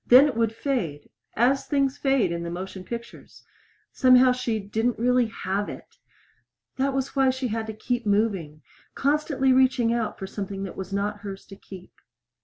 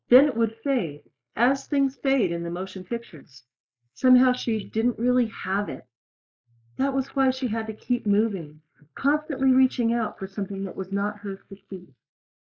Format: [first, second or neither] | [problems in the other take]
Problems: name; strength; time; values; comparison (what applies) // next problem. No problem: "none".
first | noise reduction (neural mask model Resemble Enhance denoiser)